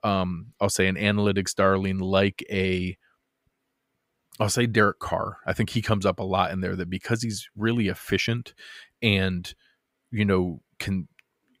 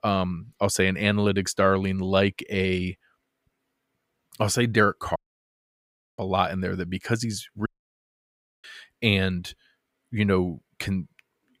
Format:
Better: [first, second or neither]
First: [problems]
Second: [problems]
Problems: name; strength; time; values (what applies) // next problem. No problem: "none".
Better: first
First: none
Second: audio cutting out; at 5 s for 1 s and at 7.5 s for 1 s